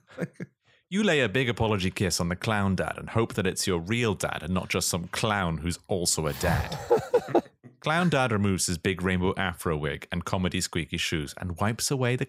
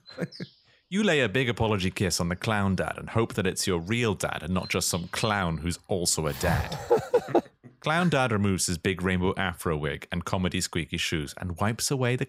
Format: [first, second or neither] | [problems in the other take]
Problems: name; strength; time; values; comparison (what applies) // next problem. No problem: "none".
first | animal sounds; noticeable; throughout; 20 dB below the speech